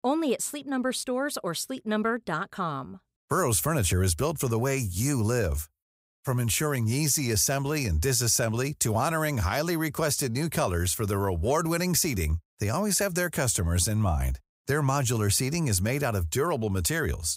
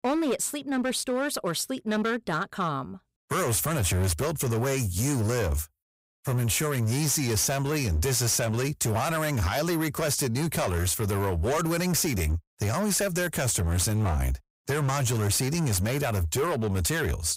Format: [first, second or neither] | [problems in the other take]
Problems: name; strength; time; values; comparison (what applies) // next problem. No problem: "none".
first | distortion; slight; 19% of the sound clipped